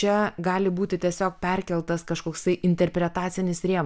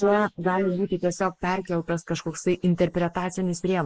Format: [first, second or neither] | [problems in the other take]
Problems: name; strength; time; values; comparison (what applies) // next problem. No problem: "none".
first | noise reduction (neural mask model Resemble Enhance denoiser)